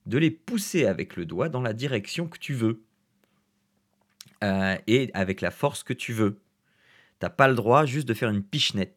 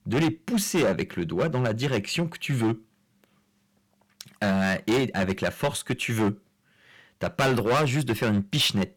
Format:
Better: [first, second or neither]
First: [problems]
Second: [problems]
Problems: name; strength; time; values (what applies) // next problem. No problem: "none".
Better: first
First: none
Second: distortion; heavy; 10% of the sound clipped